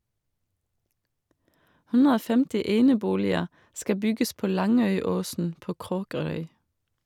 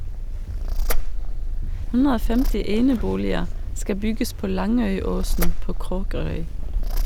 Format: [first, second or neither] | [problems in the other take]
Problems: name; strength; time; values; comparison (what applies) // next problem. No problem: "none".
first | background sound (Purr); 4 dB above the speech